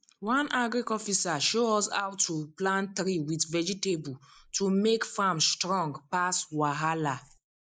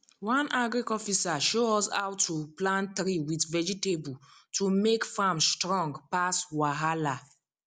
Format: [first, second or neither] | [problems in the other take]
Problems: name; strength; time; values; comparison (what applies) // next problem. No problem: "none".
second | noise reduction (neural mask model Resemble Enhance denoiser)